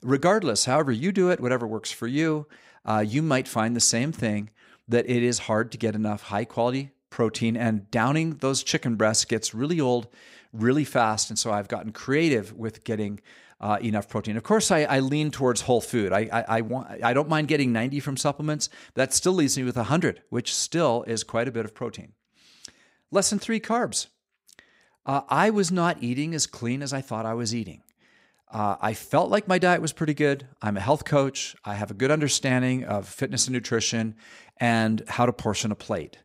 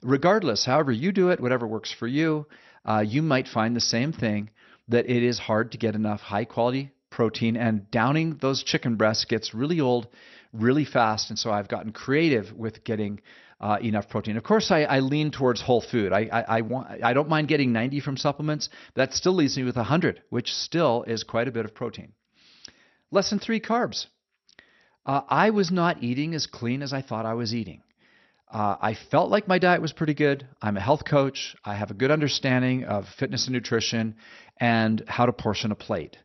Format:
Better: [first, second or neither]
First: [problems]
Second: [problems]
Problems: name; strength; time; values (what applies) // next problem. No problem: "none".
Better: first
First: none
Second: garbled, watery; slightly; nothing above 6 kHz